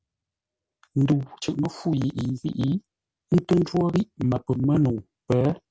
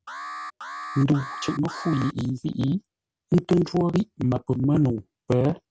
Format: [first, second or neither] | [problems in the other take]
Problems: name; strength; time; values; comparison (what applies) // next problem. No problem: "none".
first | background sound (Alarm); 13 dB below the speech